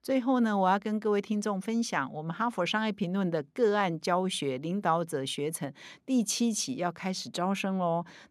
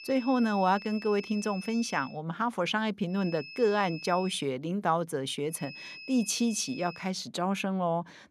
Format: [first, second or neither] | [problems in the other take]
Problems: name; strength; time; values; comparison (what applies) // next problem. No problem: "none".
first | high-pitched whine; noticeable; until 2 s, from 3 to 4.5 s and from 5.5 to 7 s; 2.5 kHz, 15 dB below the speech